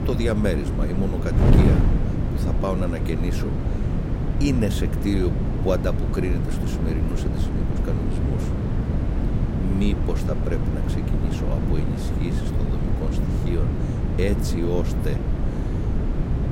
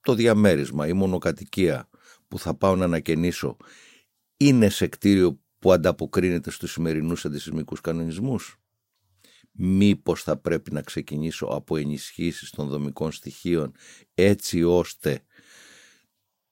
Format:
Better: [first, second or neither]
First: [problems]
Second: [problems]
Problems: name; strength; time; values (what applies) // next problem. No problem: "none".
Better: second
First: wind noise on the microphone; heavy; 1 dB below the speech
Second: none